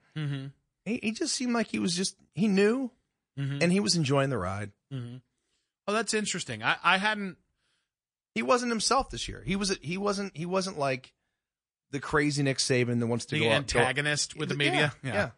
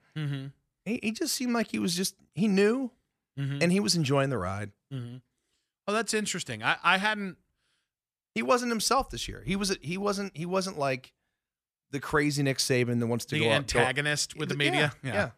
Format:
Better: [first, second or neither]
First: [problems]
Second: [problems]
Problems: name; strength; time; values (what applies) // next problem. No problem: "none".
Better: second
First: garbled, watery; slightly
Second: none